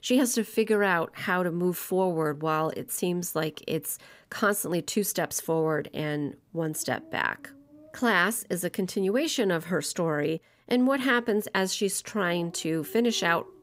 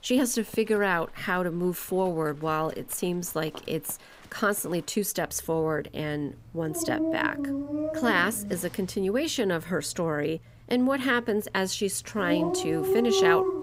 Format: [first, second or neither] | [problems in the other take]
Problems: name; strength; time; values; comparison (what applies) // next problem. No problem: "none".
first | animal sounds; loud; throughout; 1 dB below the speech; faint in the first